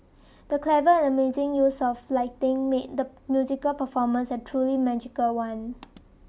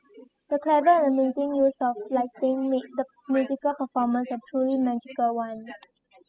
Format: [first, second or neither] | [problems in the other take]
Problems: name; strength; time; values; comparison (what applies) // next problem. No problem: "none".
first | noise reduction (classical method spectral subtraction)